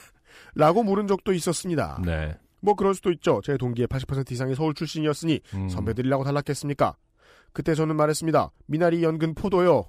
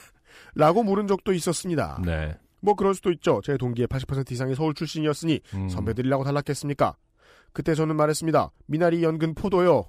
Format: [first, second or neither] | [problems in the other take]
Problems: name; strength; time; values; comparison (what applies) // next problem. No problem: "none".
neither | none